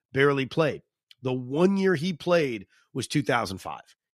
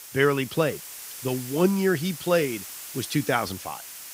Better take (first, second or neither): first